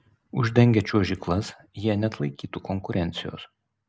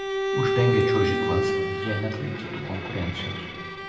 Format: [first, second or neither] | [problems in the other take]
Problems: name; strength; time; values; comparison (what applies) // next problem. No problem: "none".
first | background sound (Bowed string instrument); 2 dB above the speech // room echo; dies away in 2 s